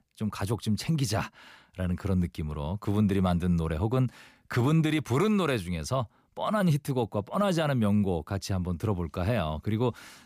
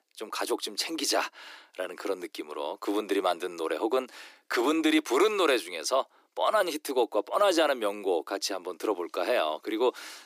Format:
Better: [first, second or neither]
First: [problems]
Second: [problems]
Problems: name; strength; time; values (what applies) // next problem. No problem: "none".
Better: first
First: none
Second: thin; very; fading below 300 Hz